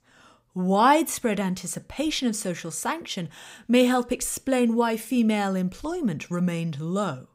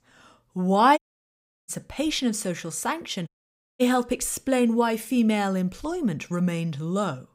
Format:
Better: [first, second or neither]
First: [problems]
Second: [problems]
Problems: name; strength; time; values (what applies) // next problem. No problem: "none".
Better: first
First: none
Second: audio cutting out; at 1 s for 0.5 s and at 3.5 s for 0.5 s